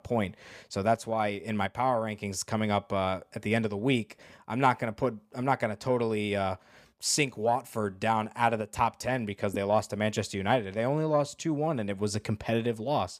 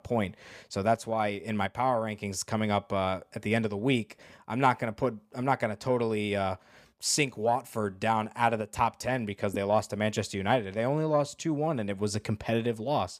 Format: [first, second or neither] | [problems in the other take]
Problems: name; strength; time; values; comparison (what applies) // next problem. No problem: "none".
neither | none